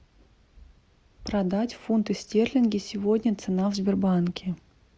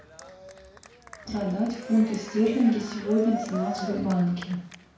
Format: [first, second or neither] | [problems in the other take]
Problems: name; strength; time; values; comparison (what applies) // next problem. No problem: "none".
first | background sound (Cheering); 13 dB below the speech // room echo; dies away in 0.5 s